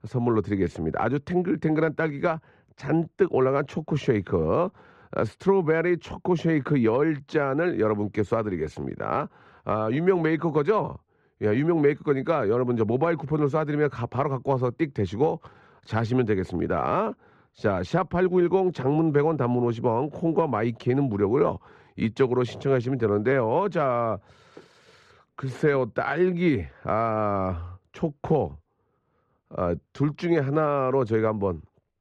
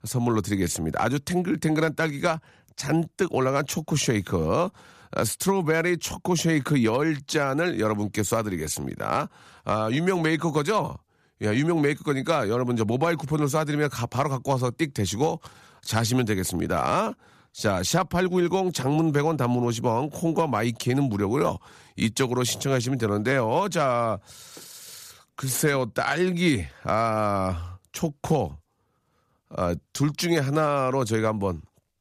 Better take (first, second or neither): second